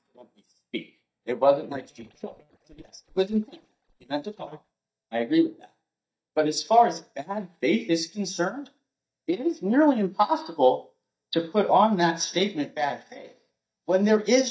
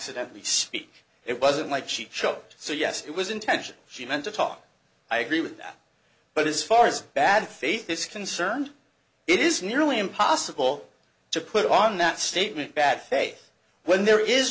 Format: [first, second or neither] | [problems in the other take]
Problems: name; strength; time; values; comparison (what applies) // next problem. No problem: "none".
second | noise reduction (neural mask model DeepFilterNet 3)